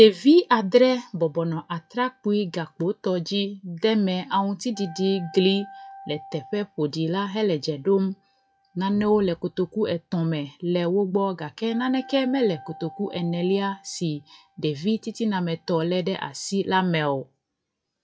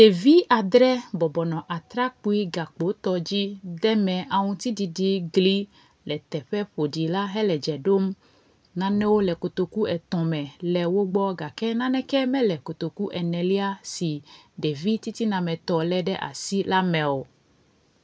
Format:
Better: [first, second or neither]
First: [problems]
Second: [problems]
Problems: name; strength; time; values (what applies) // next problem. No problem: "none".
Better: second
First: noise reduction (classical method log-MMSE)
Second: none